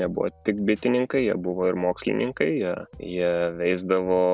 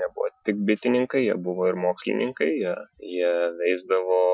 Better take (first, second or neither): first